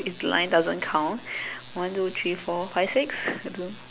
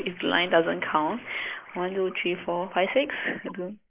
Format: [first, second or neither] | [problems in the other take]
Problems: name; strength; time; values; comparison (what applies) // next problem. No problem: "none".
first | noise reduction (neural mask model Resemble Enhance denoiser)